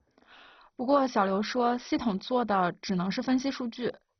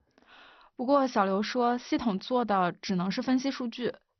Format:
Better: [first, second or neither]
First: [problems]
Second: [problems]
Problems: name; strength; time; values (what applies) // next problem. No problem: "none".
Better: second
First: garbled, watery; badly; nothing above 6 kHz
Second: garbled, watery; slightly; nothing above 6 kHz